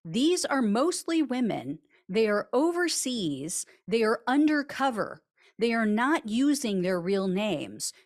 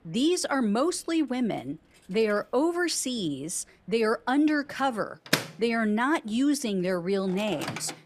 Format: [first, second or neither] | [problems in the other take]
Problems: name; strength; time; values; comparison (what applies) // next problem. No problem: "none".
first | household noises; loud; throughout; 5 dB below the speech